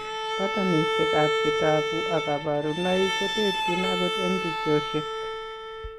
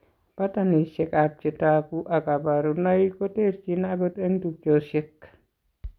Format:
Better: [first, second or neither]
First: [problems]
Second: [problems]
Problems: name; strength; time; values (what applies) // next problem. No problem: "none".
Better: second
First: background sound (Bowed string instrument); as loud as the speech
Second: none